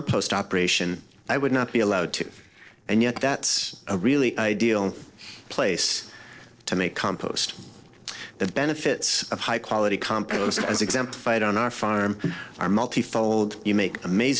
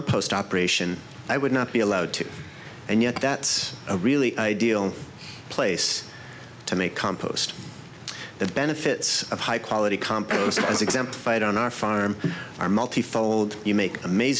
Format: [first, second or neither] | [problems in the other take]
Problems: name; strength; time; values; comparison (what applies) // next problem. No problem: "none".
second | noise reduction (neural separator model SepFormer DNS4)